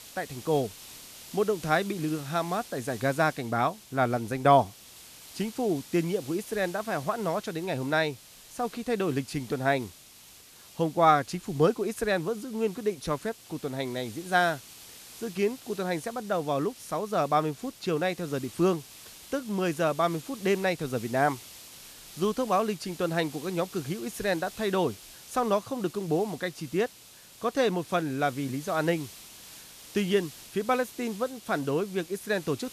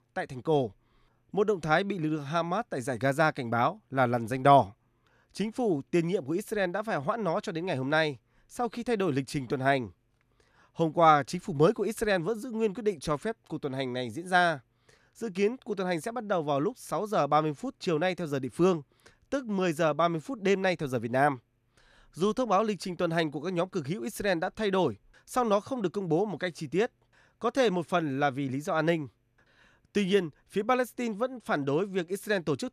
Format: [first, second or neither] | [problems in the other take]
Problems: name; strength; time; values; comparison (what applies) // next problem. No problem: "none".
second | hiss; noticeable; throughout; 15 dB below the speech